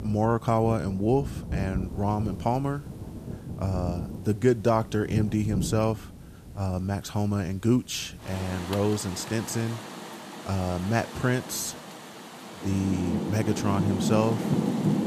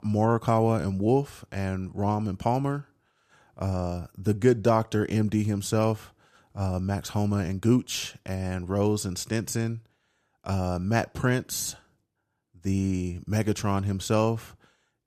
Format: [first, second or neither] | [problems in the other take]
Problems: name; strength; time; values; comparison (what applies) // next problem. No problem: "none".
second | rain or running water; loud; throughout; 6 dB below the speech